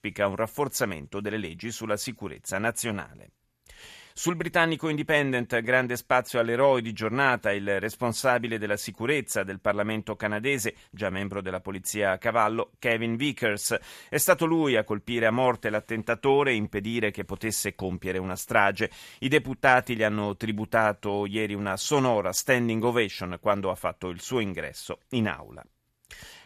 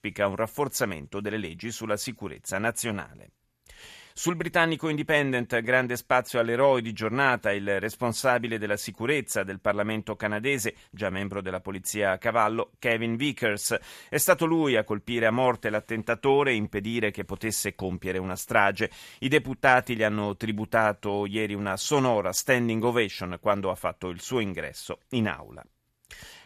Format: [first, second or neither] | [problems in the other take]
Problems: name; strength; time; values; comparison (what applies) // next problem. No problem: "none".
neither | none